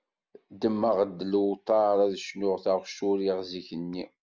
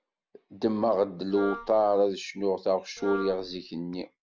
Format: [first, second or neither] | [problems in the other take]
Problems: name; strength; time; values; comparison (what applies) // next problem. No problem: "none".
first | background sound (Wind instrument, woodwind instrument); 12 dB below the speech